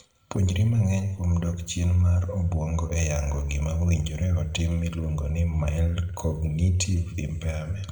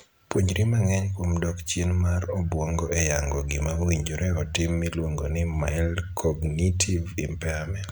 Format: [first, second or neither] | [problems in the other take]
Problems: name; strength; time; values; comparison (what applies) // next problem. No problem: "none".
second | room echo; dies away in 1 s